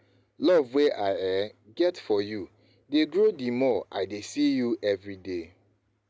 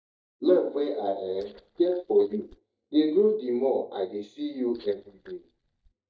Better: first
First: none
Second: noise reduction (neural mask model DeepFilterNet 3)

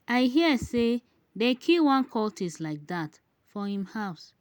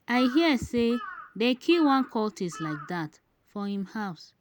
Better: first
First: none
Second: background sound (Bird vocalization, bird call, bird song / Crow); 16 dB below the speech

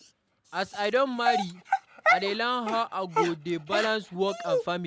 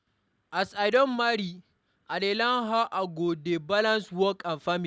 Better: second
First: background sound (Dog); 1 dB below the speech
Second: none

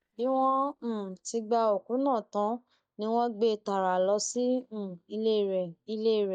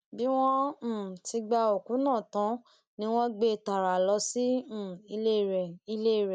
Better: second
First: noise reduction (neural mask model DeepFilterNet 3)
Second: none

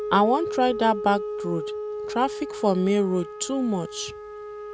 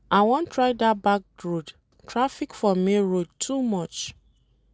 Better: second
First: background sound (Wind instrument, woodwind instrument); 8 dB below the speech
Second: none

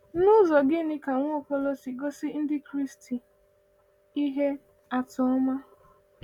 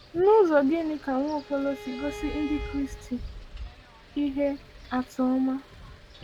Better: first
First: none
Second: background sound (Wind + Bowed string instrument); 14 dB below the speech

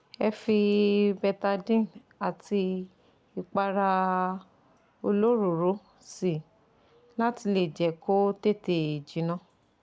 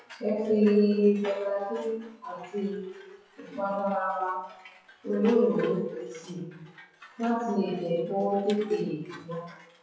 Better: first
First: none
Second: noise reduction (classical method WPE with log-MMSE)

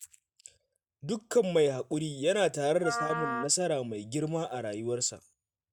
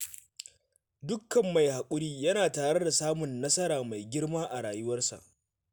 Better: second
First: noise reduction (neural mask model RNNoise)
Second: none

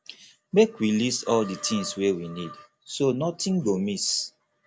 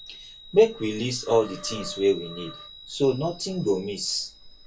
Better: first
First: none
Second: background sound (Chime); 19 dB below the speech // room echo; dies away in 0.2 s

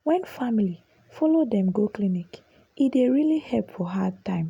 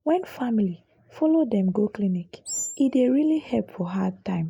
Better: first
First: none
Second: noise reduction (neural mask model Resemble Enhance denoiser)

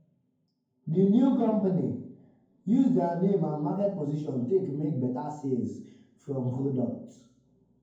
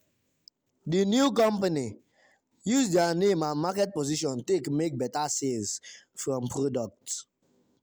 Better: second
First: room echo; dies away in 0.9 s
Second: none

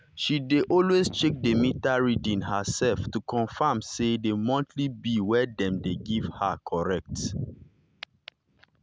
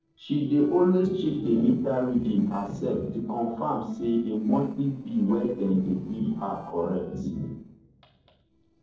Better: first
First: none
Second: noise reduction (neural separator model SepFormer DNS4)

